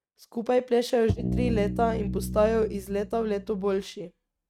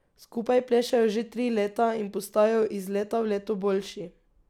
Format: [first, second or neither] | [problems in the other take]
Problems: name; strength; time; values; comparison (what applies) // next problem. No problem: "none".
second | noise reduction (neural mask model RNNoise)